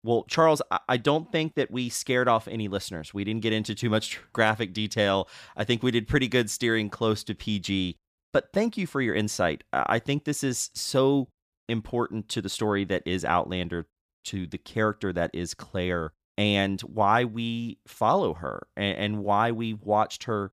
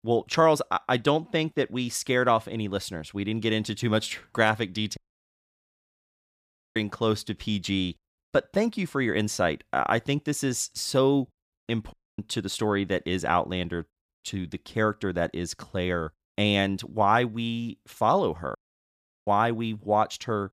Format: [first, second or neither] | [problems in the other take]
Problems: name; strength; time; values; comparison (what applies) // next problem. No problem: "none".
first | audio cutting out; at 5 s for 2 s, at 12 s and at 19 s for 0.5 s